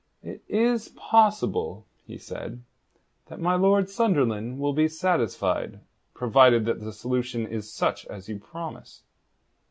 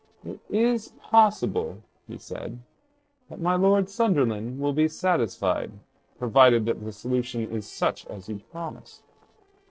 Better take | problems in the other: first | noise reduction (neural separator model SepFormer DNS4)

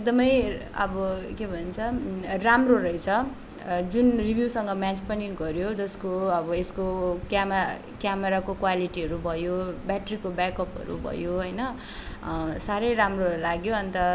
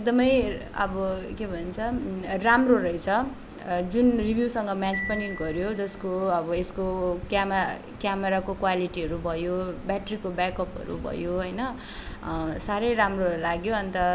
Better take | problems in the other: first | background sound (Marimba, xylophone); 15 dB below the speech

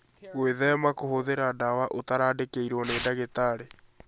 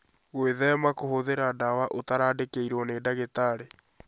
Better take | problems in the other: second | background sound (Tearing); 16 dB below the speech

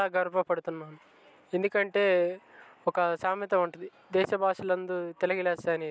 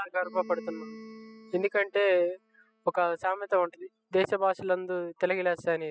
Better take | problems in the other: first | noise reduction (classical method spectral subtraction)

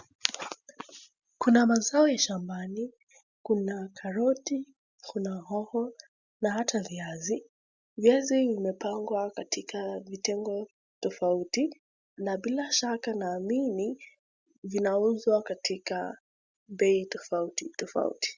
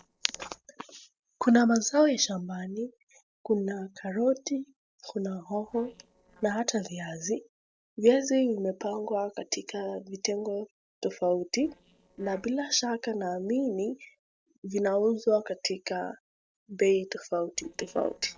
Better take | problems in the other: first | noise reduction (neural separator model SepFormer DNS4)

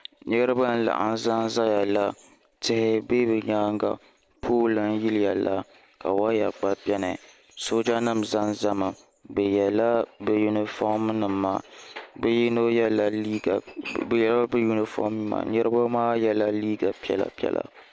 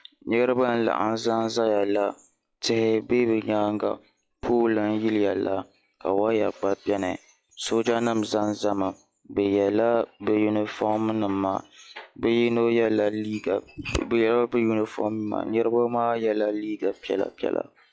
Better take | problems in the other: first | noise reduction (classical method log-MMSE)

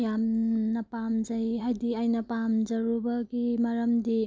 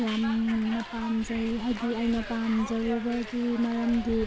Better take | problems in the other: first | background sound (Hiss); 11 dB below the speech

